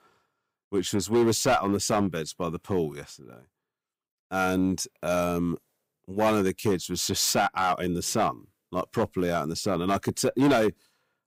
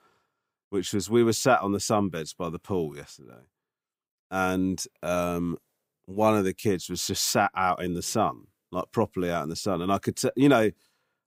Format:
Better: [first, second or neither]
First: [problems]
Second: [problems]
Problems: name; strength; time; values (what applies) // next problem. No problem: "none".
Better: second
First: distortion; slight; 4% of the sound clipped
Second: none